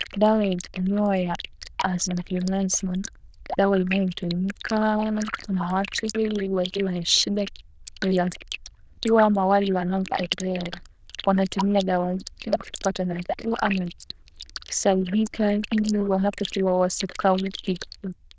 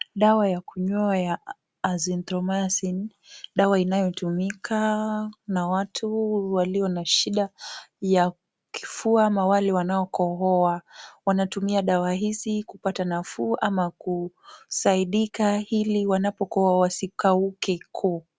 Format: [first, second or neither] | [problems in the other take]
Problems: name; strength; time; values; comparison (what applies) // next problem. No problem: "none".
second | noise reduction (neural diffusion model UNIVERSE++)